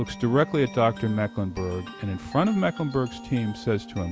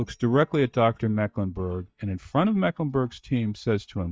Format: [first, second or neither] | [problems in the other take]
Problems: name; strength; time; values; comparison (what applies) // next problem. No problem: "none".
first | noise reduction (neural mask model DeepFilterNet 3)